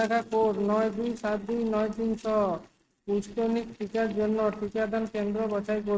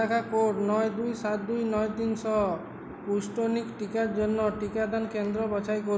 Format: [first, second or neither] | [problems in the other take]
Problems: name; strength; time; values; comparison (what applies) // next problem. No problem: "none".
second | noise reduction (neural mask model RNNoise)